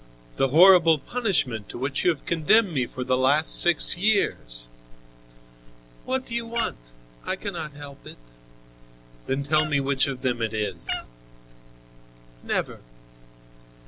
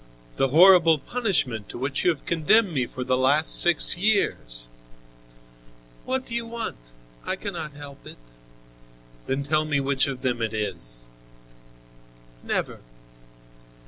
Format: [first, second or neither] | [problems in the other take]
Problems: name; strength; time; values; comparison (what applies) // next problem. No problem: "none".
second | background sound (Meow); 9 dB below the speech